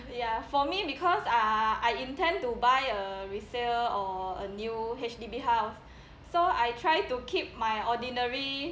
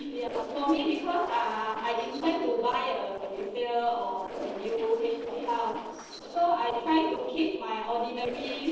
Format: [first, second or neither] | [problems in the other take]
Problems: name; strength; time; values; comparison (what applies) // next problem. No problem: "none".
first | noise reduction (neural separator model SepFormer DNS4)